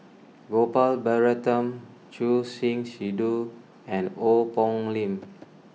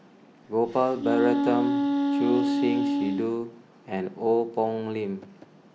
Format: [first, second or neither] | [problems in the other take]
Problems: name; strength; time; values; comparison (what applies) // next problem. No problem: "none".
first | background sound (Wind instrument, woodwind instrument); 2 dB above the speech